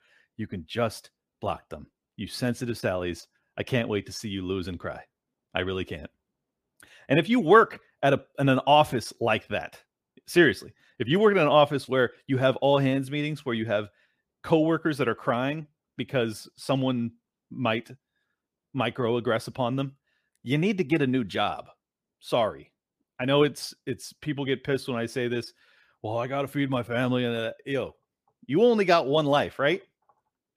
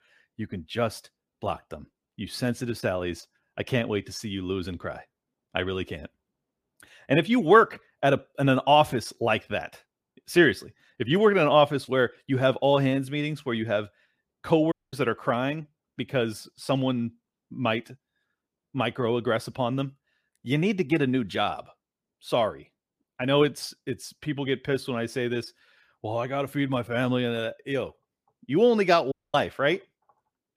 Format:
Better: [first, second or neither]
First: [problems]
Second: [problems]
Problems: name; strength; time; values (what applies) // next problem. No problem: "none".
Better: first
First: none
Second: audio cutting out; at 15 s and at 29 s